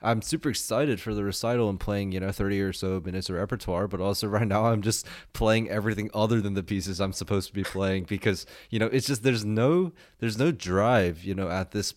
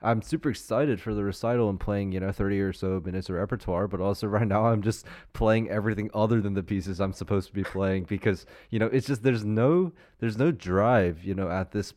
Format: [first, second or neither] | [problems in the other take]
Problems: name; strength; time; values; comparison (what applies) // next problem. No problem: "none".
first | muffled; slightly; fading above 3 kHz